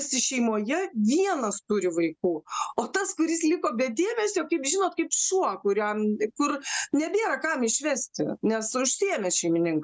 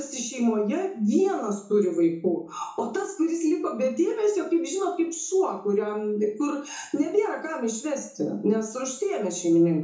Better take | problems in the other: first | room echo; dies away in 0.7 s

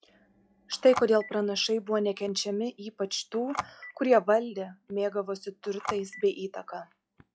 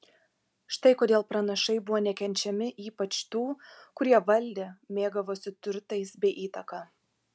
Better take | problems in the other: second | noise reduction (classical method log-MMSE)

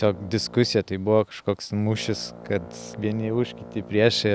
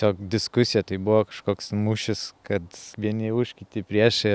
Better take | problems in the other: second | background sound (Brass instrument); 18 dB below the speech

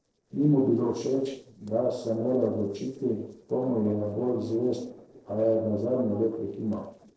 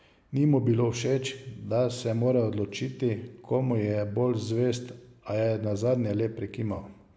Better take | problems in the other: second | noise reduction (neural separator model SepFormer DNS4)

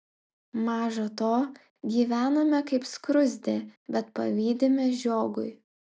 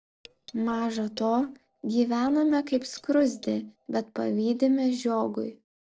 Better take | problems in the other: first | noise reduction (neural separator model SepFormer DNS4)

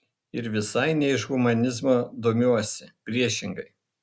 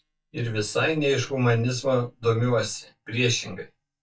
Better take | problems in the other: first | noise reduction (neural mask model DeepFilterNet 3)

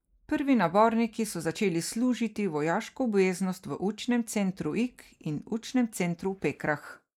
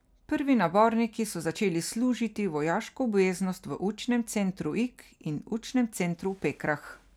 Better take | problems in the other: second | noise reduction (neural mask model Resemble Enhance denoiser)

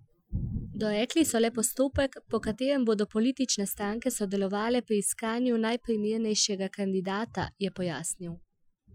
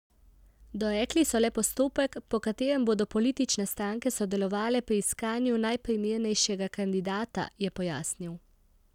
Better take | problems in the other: second | noise reduction (classical method Wiener filter)

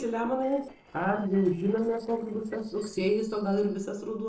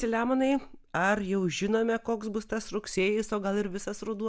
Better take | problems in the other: second | noise reduction (neural separator model SepFormer DNS4)

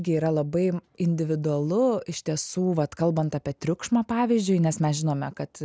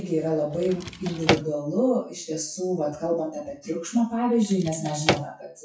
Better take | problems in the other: first | noise reduction (classical method WPE with log-MMSE)

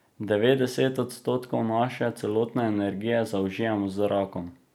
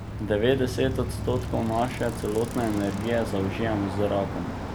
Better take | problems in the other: first | background sound (Bicycle); 5 dB below the speech

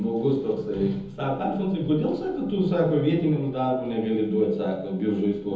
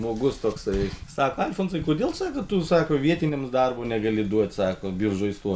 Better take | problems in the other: second | room echo; dies away in 1 s

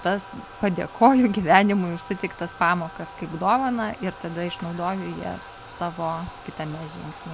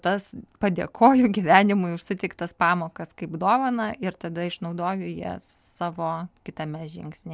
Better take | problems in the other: second | background sound (Bathtub (filling or washing)); 17 dB below the speech

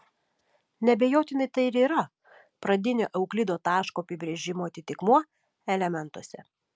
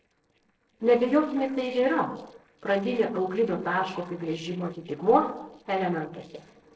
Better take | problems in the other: first | noise reduction (neural separator model SepFormer DNS4)

